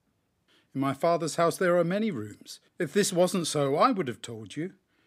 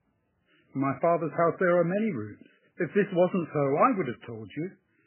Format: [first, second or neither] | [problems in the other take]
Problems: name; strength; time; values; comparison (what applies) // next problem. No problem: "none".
first | garbled, watery; badly; nothing above 2.5 kHz